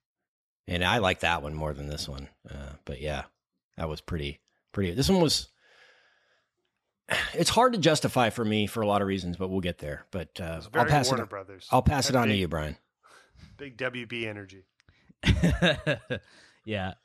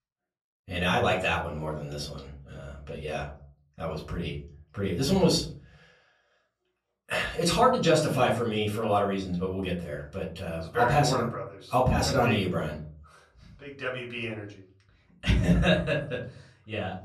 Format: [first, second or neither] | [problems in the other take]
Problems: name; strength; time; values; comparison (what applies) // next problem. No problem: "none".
first | off-mic speech; far // room echo; slight; dies away in 0.4 s